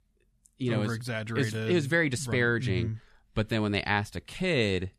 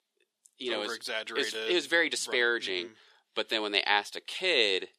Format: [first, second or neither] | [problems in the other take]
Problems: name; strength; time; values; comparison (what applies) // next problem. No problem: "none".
first | thin; very; fading below 350 Hz